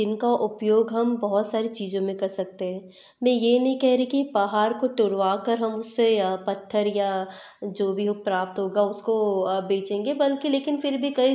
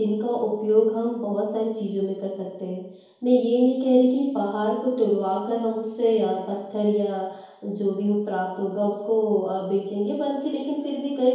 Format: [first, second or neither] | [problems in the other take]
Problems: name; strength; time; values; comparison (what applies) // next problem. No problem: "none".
first | room echo; dies away in 2.2 s